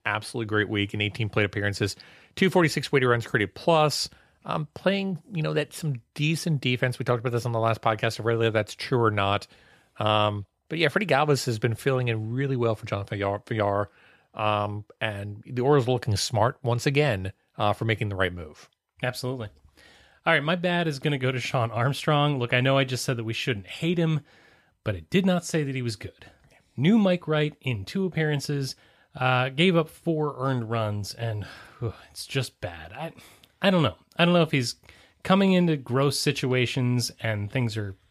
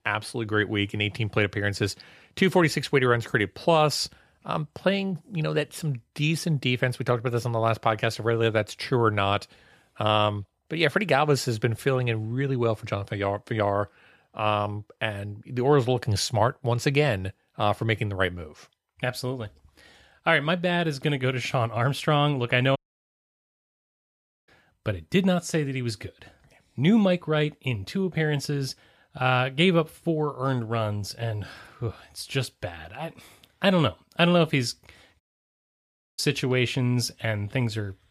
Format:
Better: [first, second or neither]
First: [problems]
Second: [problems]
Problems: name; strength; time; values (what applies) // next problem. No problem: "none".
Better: first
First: none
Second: audio cutting out; at 23 s for 1.5 s and at 35 s for 1 s